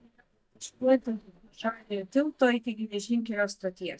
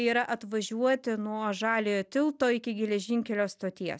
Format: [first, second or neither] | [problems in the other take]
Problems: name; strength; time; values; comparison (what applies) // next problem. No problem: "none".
second | noise reduction (neural mask model DeepFilterNet 3)